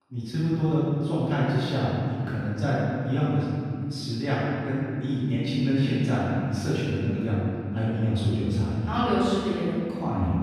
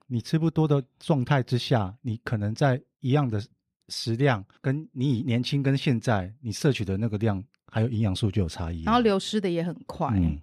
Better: second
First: room echo; strong; dies away in 2.5 s // off-mic speech; far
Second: none

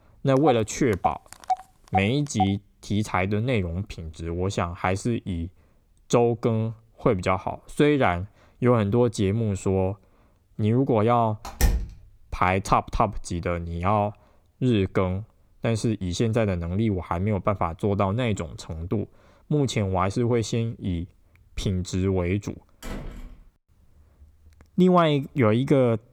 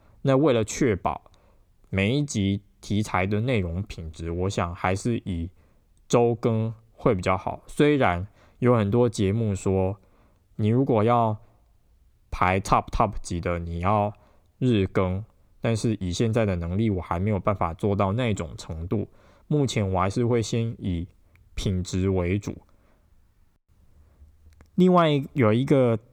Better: second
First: phone ringing; noticeable; until 2.5 s; peak 5 dB below the speech // door banging; noticeable; at 12 s; peak 1 dB below the speech // door banging; faint; at 23 s; peak 15 dB below the speech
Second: none

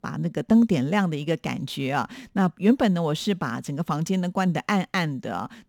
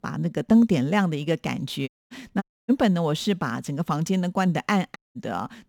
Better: first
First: none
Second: audio cutting out; at 2 s, at 2.5 s and at 5 s

